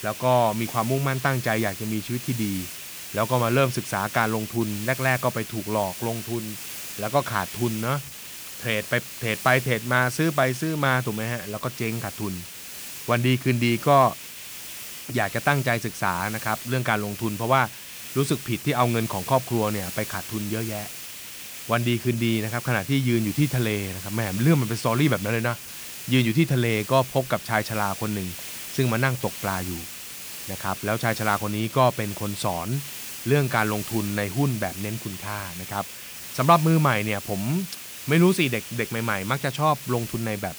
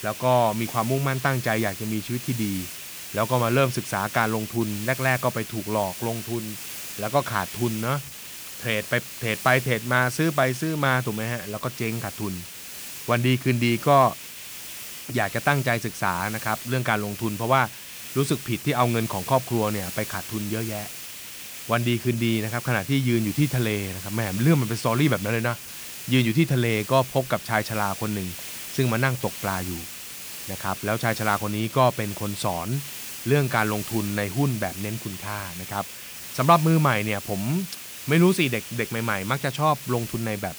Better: neither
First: hiss; loud; throughout; 10 dB below the speech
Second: hiss; loud; throughout; 10 dB below the speech

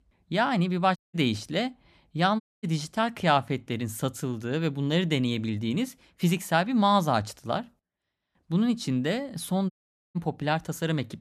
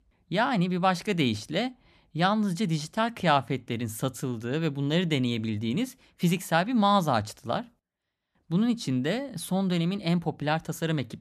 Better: second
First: audio cutting out; at 1 s, at 2.5 s and at 9.5 s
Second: none

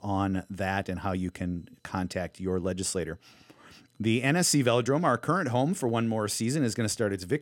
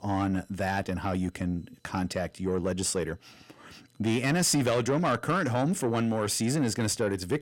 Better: first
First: none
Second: distortion; slight; 10 dB below the speech

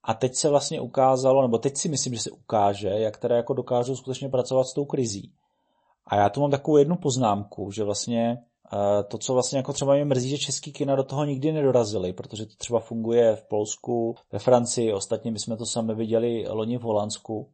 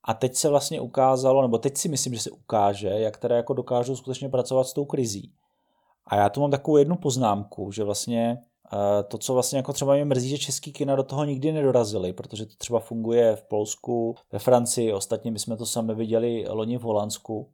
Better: second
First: garbled, watery; slightly; nothing above 8 kHz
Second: none

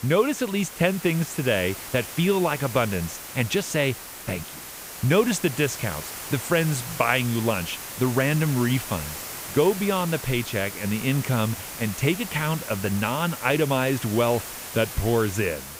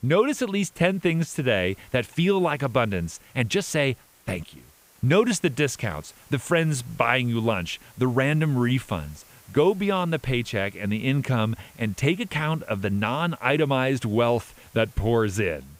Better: second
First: hiss; loud; throughout; 9 dB below the speech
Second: hiss; faint; throughout; 30 dB below the speech

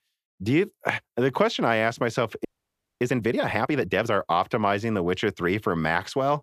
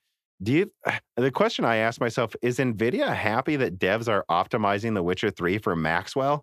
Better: second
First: audio freezing; at 2.5 s for 0.5 s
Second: none

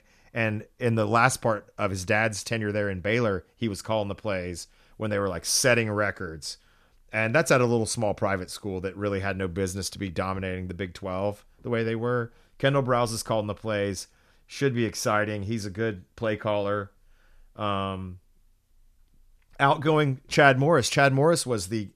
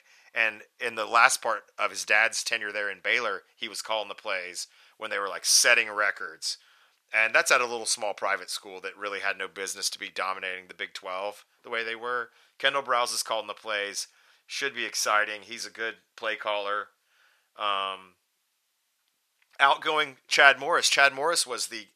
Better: first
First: none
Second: thin; very; fading below 800 Hz

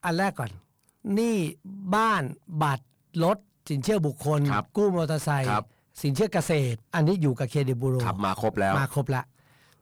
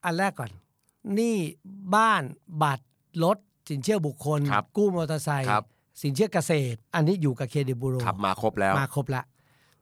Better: second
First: distortion; slight; 10 dB below the speech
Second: none

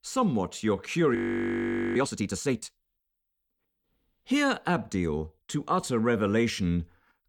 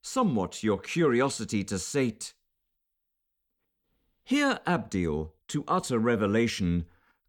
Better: second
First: audio freezing; at 1 s for 1 s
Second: none

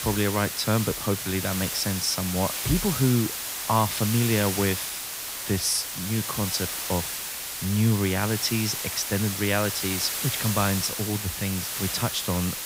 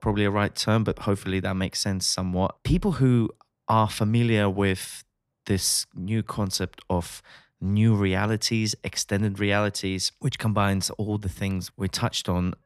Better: second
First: hiss; loud; throughout; 3 dB below the speech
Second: none

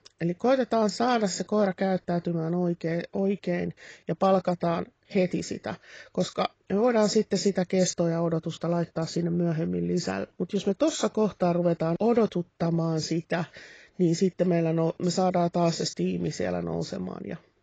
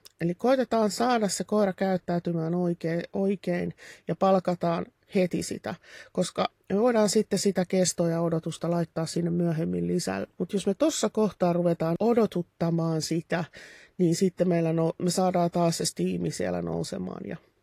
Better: second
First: garbled, watery; badly; nothing above 7.5 kHz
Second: garbled, watery; slightly; nothing above 15 kHz

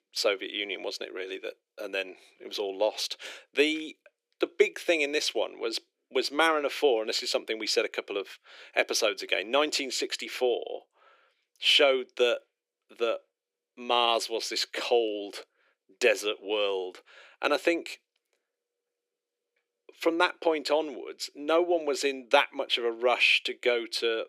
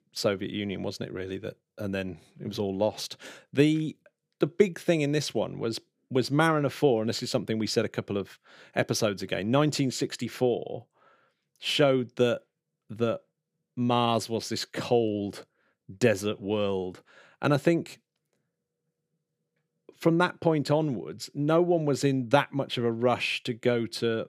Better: second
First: thin; very; fading below 350 Hz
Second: none

